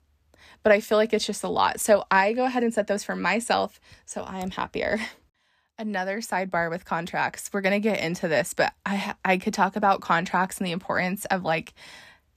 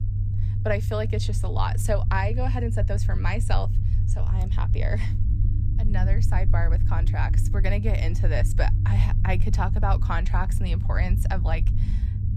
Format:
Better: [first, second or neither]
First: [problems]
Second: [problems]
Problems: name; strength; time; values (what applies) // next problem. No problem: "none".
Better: first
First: none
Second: low rumble; loud; throughout; 9 dB below the speech